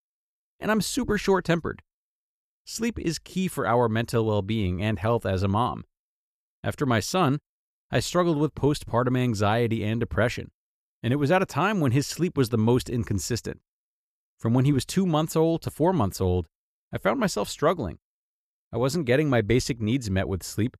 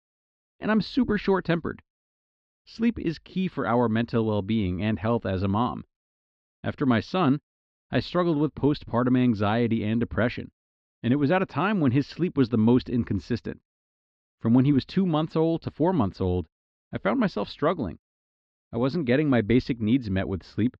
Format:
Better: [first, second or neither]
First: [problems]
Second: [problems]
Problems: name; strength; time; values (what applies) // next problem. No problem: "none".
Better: first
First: none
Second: muffled; very slightly; fading above 4.5 kHz